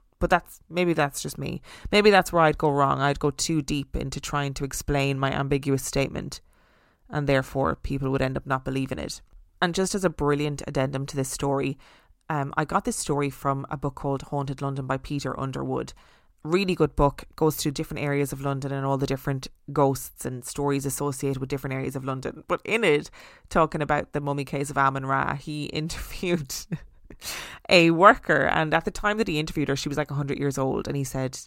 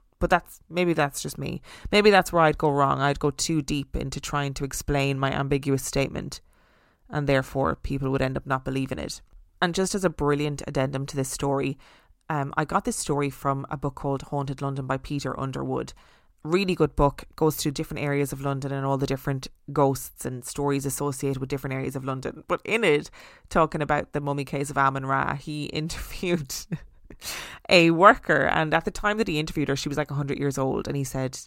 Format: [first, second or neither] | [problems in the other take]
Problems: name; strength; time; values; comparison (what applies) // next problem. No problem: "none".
neither | none